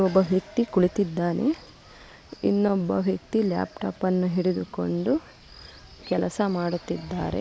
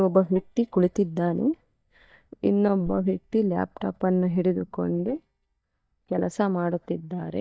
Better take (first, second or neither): first